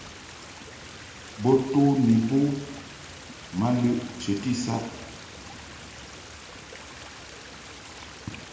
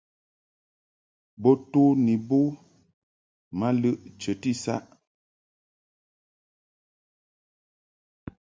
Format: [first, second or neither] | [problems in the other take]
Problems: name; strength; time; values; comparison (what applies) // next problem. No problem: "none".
second | background sound (Stream); 15 dB below the speech // room echo; dies away in 1 s